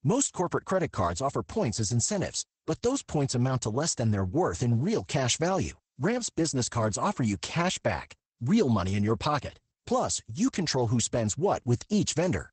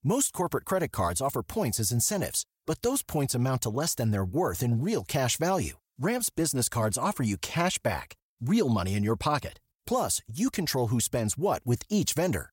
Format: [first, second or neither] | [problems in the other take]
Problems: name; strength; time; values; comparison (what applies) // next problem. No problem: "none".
second | garbled, watery; badly; nothing above 8 kHz